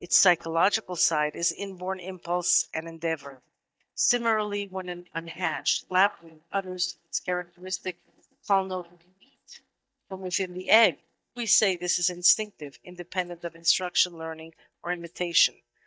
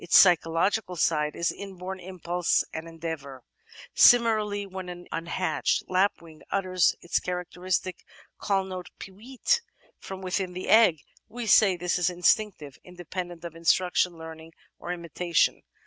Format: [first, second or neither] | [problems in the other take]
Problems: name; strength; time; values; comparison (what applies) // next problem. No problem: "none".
second | noise reduction (neural mask model DeepFilterNet 3)